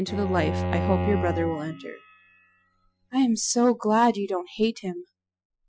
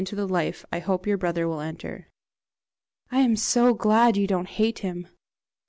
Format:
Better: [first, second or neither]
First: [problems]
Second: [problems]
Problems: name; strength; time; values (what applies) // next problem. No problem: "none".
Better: second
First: noise reduction (classical method Wiener filter)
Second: none